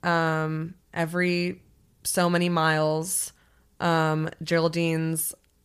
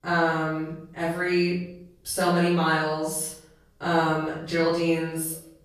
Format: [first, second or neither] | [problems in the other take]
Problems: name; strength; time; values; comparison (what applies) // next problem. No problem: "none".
first | off-mic speech; far // room echo; noticeable; dies away in 0.6 s